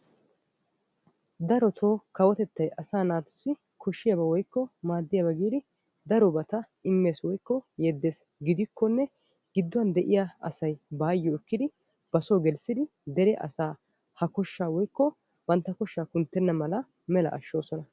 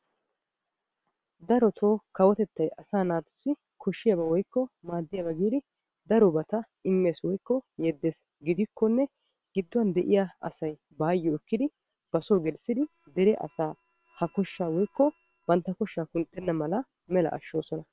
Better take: first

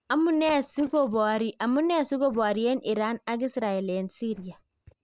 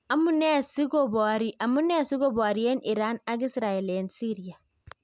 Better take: second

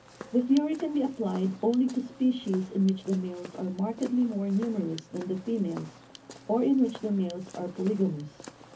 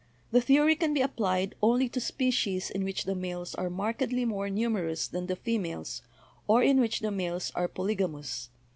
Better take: second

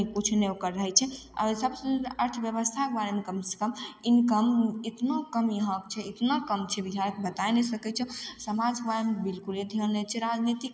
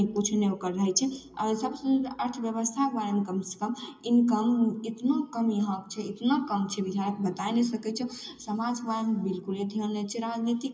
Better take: first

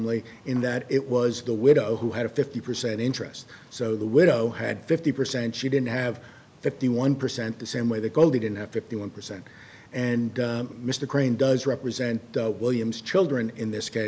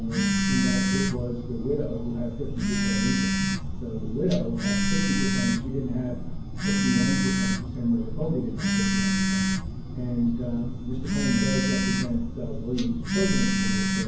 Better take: first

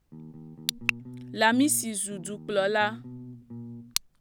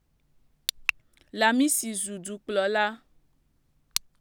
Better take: second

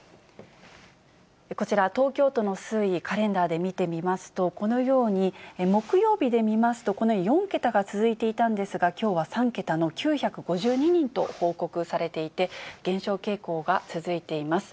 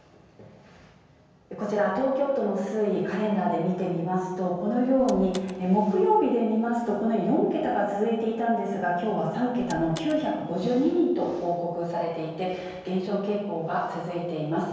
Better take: first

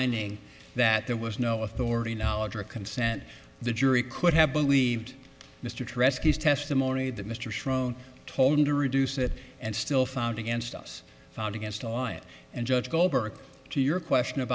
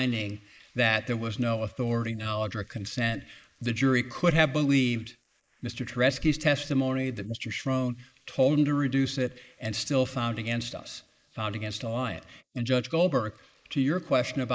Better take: first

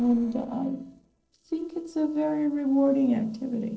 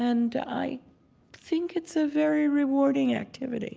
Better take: second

